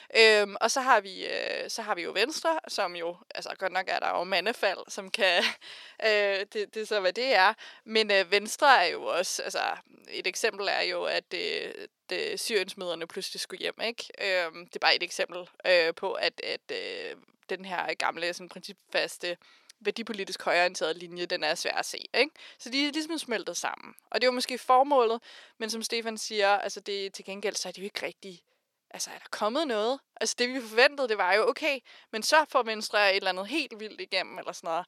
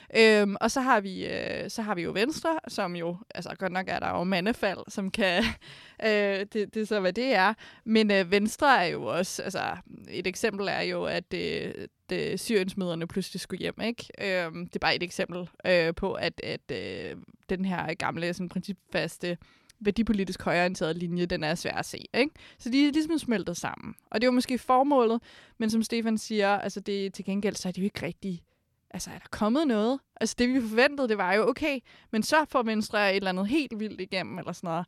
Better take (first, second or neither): second